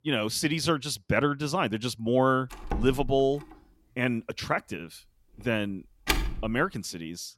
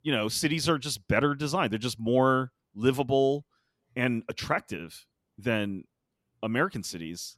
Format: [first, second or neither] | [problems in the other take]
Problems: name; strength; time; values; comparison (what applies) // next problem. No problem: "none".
second | door banging; noticeable; from 2.5 to 6.5 s; peak level with the speech